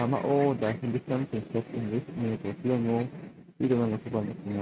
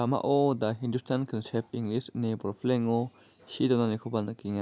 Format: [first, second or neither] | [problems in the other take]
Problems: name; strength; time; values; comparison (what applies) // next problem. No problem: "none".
second | noise reduction (neural mask model RNNoise)